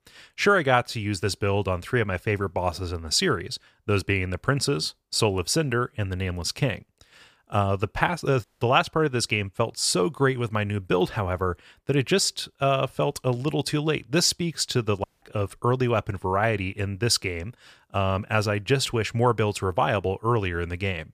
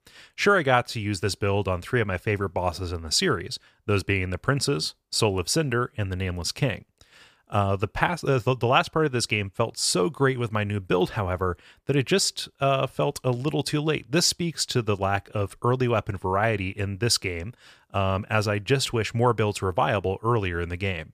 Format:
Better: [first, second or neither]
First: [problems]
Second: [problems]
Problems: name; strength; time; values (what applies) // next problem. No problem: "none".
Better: second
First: audio cutting out; at 8.5 s and at 15 s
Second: none